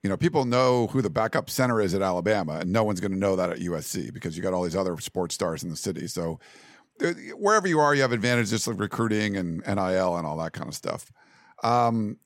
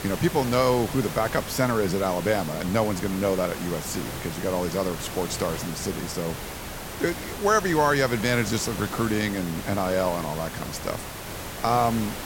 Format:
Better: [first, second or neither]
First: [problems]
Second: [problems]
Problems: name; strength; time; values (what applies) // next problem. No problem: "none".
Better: first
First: none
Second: hiss; loud; throughout; 8 dB below the speech